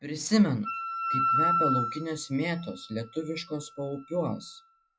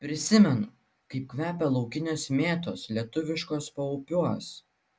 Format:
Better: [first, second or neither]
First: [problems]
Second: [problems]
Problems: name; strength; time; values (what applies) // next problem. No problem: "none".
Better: second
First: noise reduction (classical method log-MMSE)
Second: none